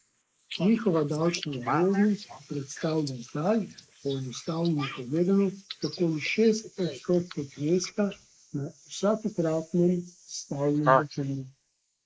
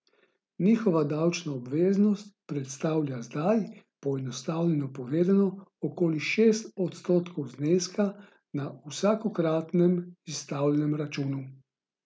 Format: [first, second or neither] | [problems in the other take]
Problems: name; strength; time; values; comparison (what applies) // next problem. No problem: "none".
second | noise reduction (neural mask model Resemble Enhance denoiser)